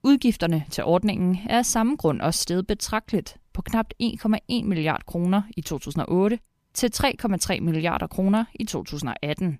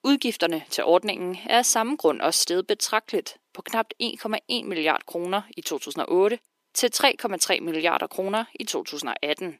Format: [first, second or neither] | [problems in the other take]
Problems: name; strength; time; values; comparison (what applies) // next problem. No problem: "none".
first | thin; somewhat; fading below 350 Hz